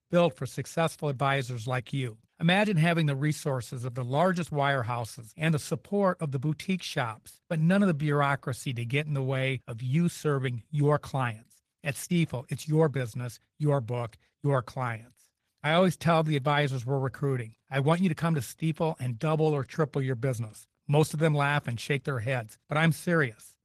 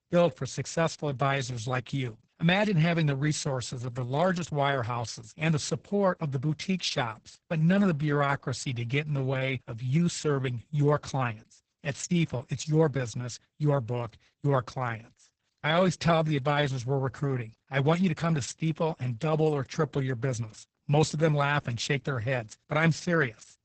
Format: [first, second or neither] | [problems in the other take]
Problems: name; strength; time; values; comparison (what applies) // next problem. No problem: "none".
first | garbled, watery; badly; nothing above 8 kHz; slightly in the first